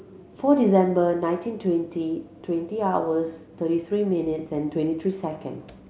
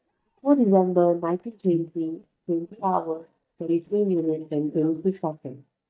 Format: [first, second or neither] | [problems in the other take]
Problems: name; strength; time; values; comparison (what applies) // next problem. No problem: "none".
first | noise reduction (neural mask model DeepFilterNet 3)